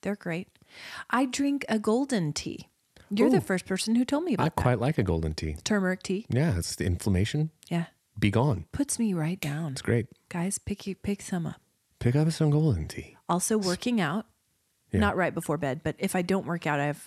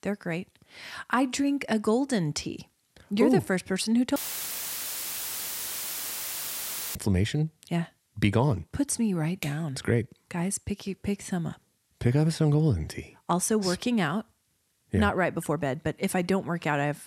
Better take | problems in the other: first | audio cutting out; filled with static; at 4 s for 3 s

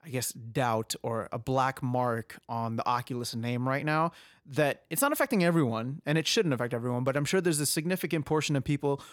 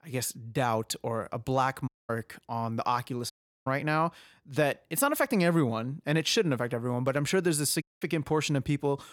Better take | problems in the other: first | audio cutting out; at 2 s, at 3.5 s and at 8 s

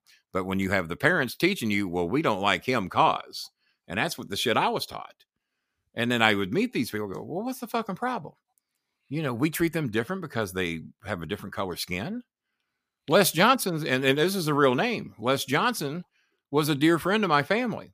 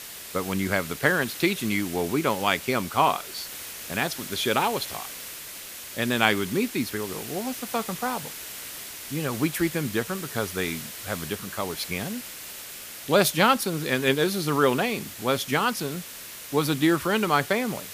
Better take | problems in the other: first | hiss; noticeable; throughout; 10 dB below the speech

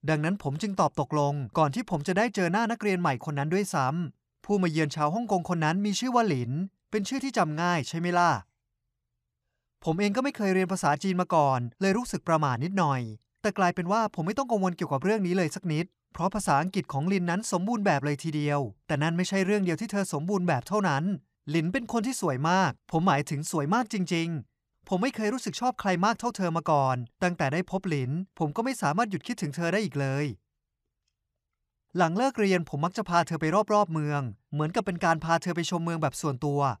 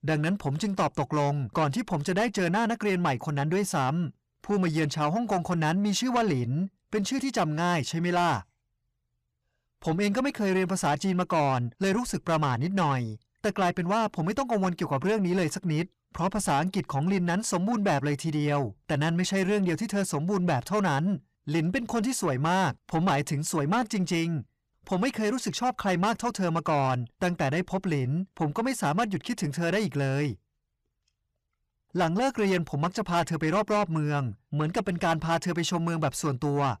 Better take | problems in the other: first | distortion; slight; 10 dB below the speech

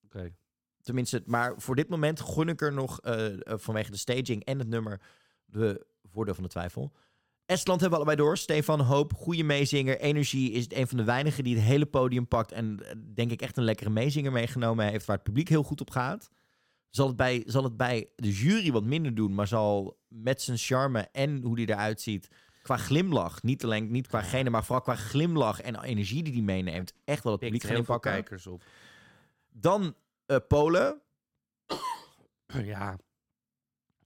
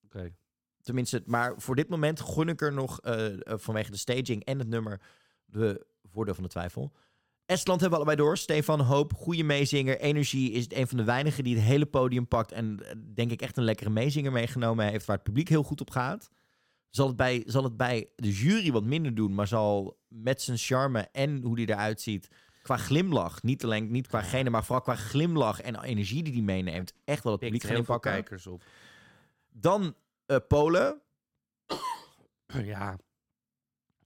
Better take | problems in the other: neither | none

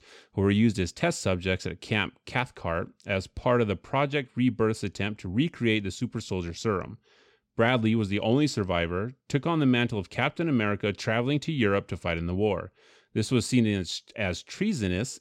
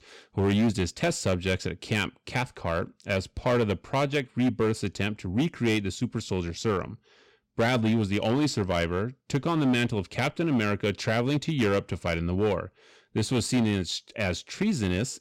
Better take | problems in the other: first | distortion; slight; 7% of the sound clipped

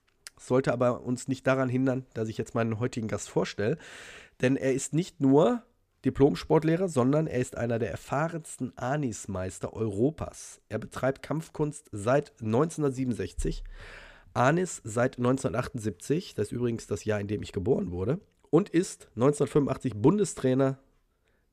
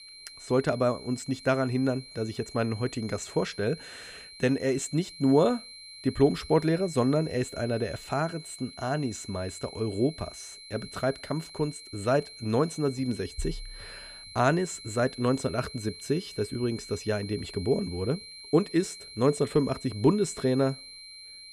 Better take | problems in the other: first | high-pitched whine; noticeable; throughout; 4 kHz, 15 dB below the speech

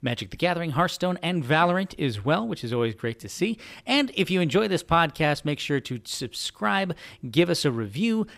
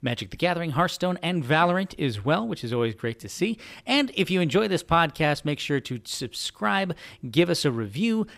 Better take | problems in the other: neither | none

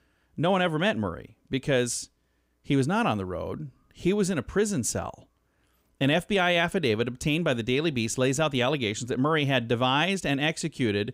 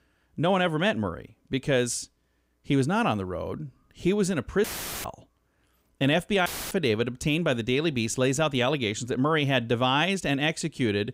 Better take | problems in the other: first | audio cutting out; filled with static; at 4.5 s and at 6.5 s

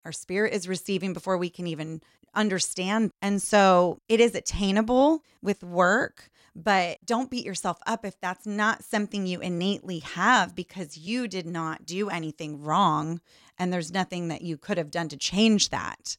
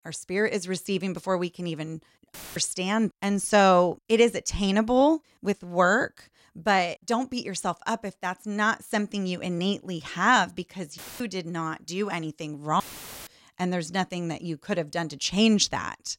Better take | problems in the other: first | audio cutting out; filled with static; at 2.5 s, at 11 s and at 13 s

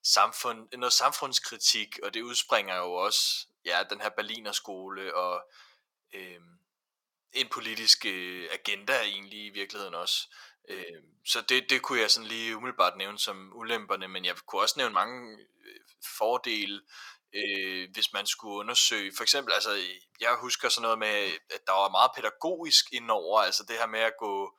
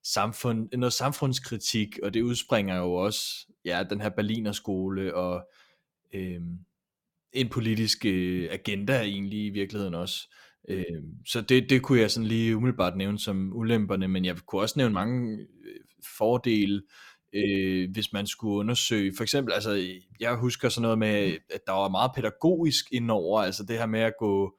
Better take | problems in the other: second | thin; very; fading below 800 Hz

